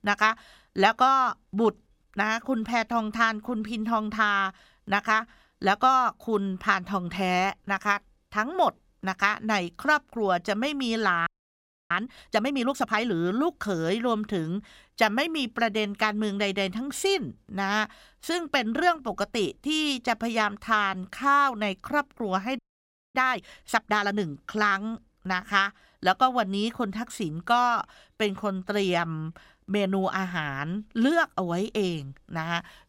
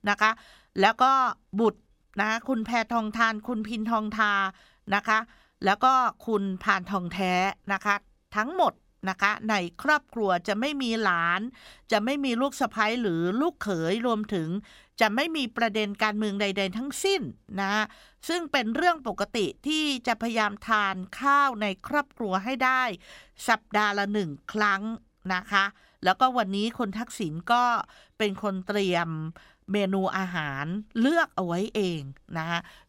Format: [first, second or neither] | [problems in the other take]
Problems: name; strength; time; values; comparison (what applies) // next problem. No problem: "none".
second | audio freezing; at 11 s for 0.5 s and at 23 s for 0.5 s